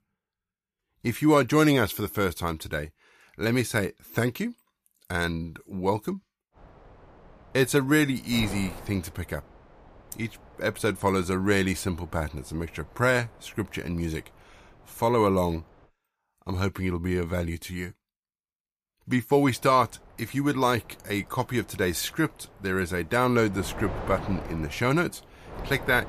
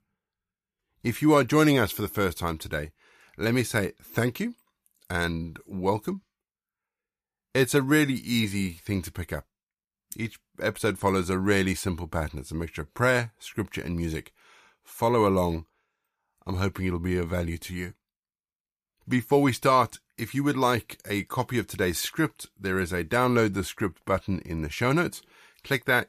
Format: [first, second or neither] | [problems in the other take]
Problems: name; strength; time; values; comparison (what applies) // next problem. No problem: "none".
second | wind noise on the microphone; occasional gusts; from 6.5 to 16 s and from 19 s on; 20 dB below the speech